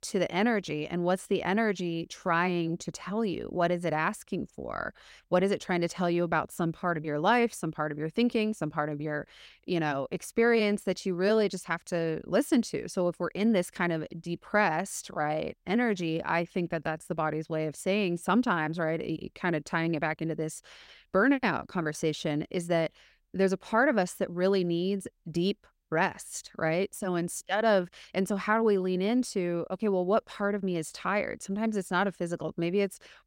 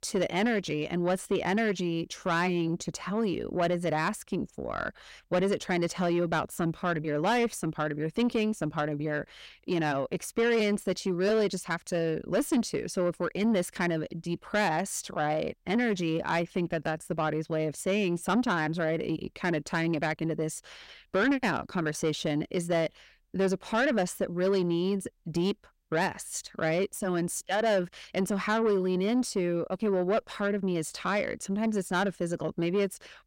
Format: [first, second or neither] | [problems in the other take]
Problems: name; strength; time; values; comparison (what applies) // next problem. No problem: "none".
first | distortion; slight; 10 dB below the speech